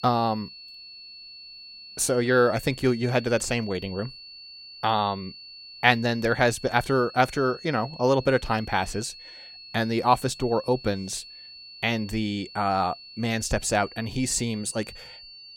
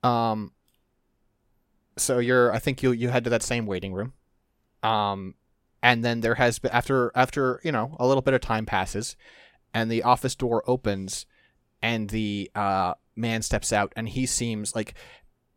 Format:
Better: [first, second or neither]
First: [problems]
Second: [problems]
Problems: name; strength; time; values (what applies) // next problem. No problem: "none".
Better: second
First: high-pitched whine; noticeable; throughout; 4.5 kHz, 15 dB below the speech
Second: none